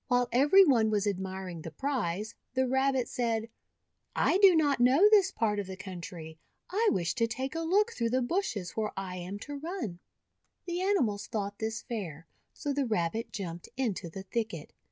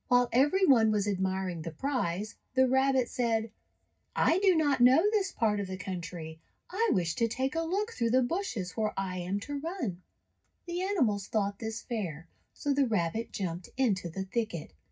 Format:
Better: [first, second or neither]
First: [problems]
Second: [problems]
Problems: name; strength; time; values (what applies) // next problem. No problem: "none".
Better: first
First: none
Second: room echo; dies away in 0.4 s